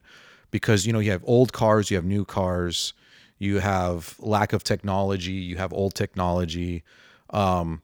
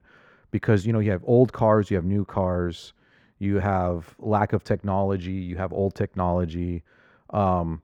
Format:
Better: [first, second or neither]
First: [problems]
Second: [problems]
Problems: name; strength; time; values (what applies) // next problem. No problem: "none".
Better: first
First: none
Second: muffled; very; fading above 2.5 kHz